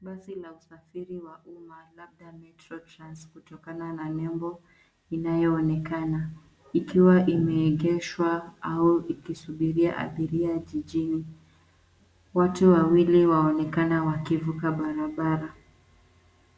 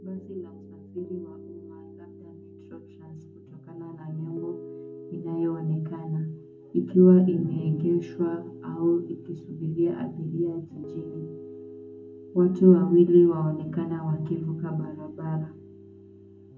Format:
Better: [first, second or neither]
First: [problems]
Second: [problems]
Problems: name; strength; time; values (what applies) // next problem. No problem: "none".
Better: first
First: none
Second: background sound (Piano); 18 dB below the speech // room echo; dies away in 0.3 s